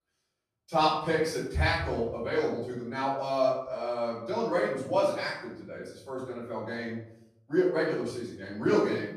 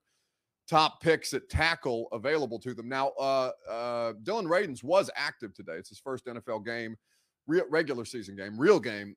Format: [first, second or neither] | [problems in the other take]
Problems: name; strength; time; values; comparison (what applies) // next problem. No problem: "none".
second | room echo; noticeable; dies away in 0.8 s // off-mic speech; far